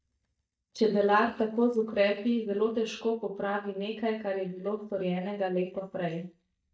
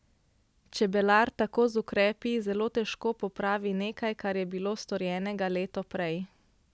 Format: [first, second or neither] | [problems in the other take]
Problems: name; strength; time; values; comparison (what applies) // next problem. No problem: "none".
second | noise reduction (neural mask model DeepFilterNet 3)